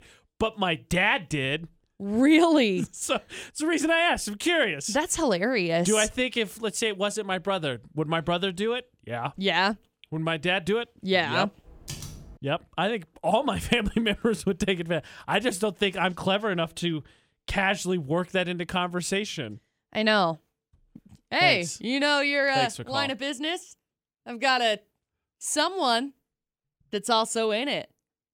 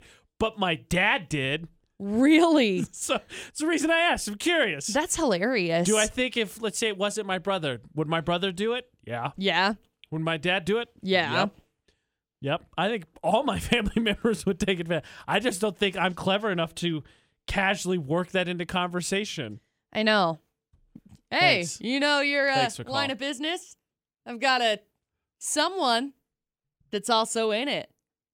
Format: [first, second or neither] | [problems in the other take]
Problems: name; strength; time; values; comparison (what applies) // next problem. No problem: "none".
second | keyboard typing; faint; at 12 s; peak 15 dB below the speech